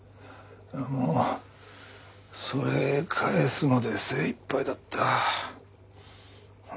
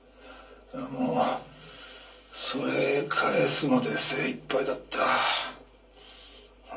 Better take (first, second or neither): first